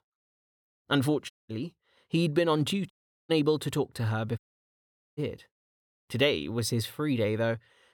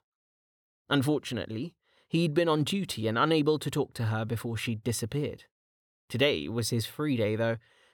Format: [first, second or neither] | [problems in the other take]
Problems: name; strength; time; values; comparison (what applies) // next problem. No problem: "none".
second | audio cutting out; at 1.5 s, at 3 s and at 4.5 s for 1 s